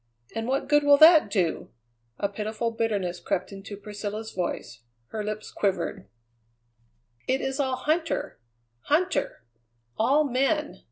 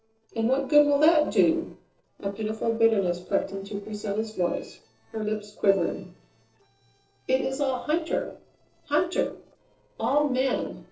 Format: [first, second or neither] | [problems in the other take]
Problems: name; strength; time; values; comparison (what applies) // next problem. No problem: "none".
first | noise reduction (neural separator model SepFormer DNS4)